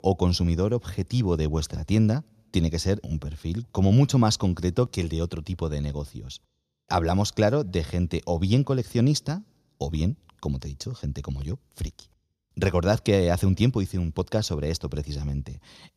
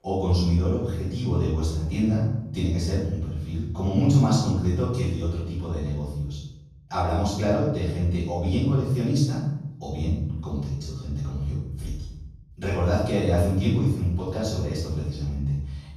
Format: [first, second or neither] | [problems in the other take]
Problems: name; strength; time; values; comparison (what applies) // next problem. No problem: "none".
first | room echo; strong; dies away in 0.9 s // off-mic speech; far